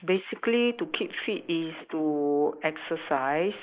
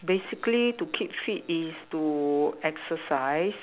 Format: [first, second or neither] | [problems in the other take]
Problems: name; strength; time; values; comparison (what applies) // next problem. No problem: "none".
second | noise reduction (neural mask model Resemble Enhance denoiser)